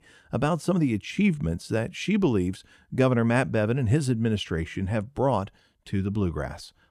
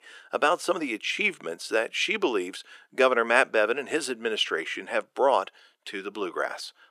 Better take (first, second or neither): first